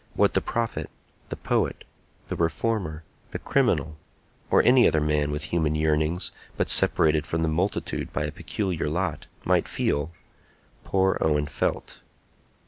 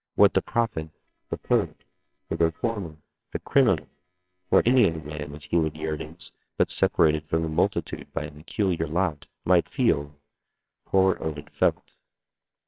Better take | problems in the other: first | noise reduction (neural separator model SepFormer WHAMR!)

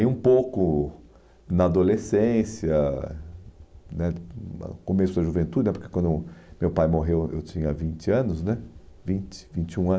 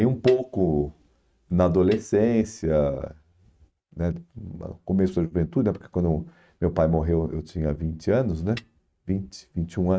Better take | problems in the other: first | noise reduction (neural mask model RNNoise)

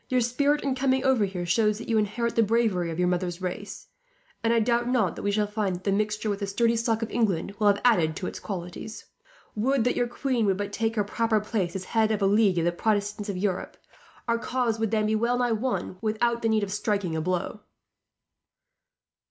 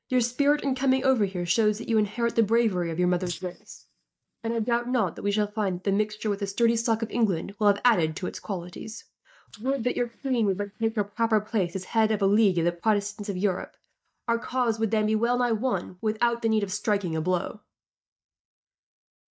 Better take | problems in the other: first | noise reduction (neural mask model DeepFilterNet 3)

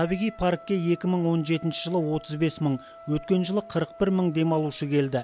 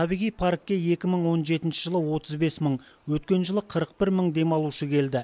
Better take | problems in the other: second | background sound (Wind instrument, woodwind instrument); 20 dB below the speech

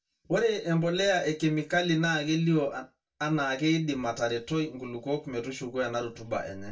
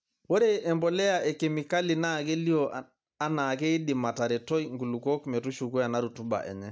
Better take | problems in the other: second | room echo; dies away in 0.1 s

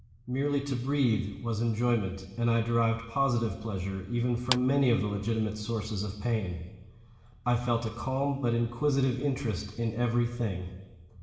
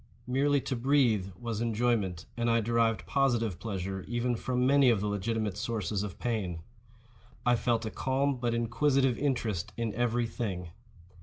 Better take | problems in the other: second | background sound (Clapping); 9 dB below the speech // room echo; dies away in 1.2 s

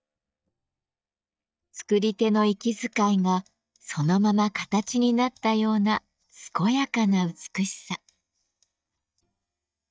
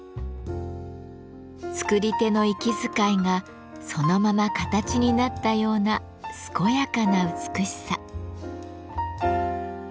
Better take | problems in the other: second | noise reduction (neural mask model DeepFilterNet 3)

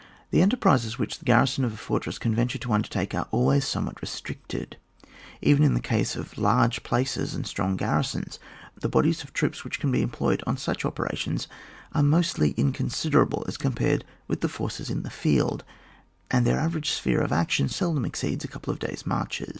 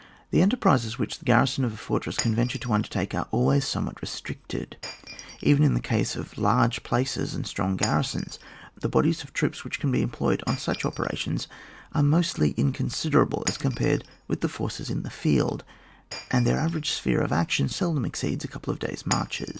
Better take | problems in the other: first | background sound (Shatter); 18 dB below the speech

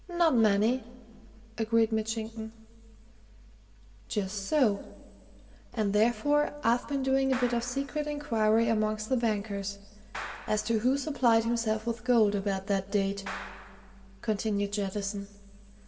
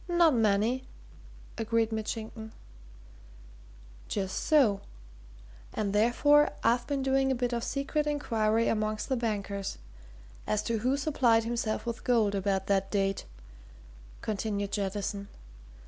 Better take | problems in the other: second | background sound (Clapping); 16 dB below the speech // room echo; dies away in 1.6 s

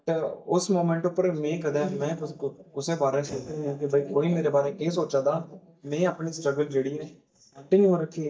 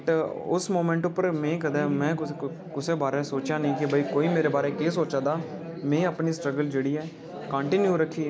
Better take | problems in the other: second | noise reduction (neural mask model DeepFilterNet 3)

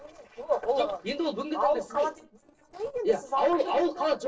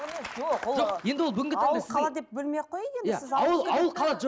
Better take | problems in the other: second | noise reduction (neural separator model SepFormer DNS4)

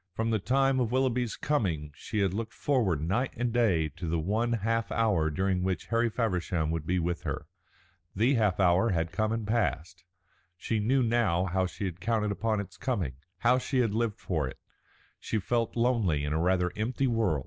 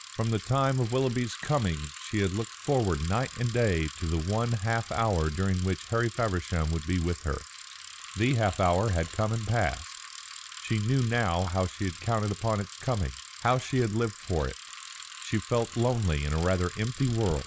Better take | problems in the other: first | background sound (Bicycle); 15 dB below the speech

